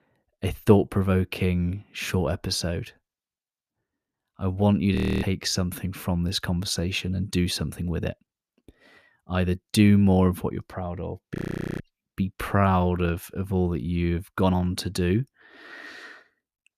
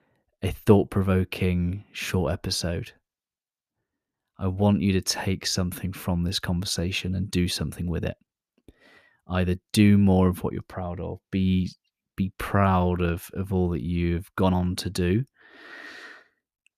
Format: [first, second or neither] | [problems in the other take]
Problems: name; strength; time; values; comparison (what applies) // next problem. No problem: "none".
second | audio freezing; at 5 s and at 11 s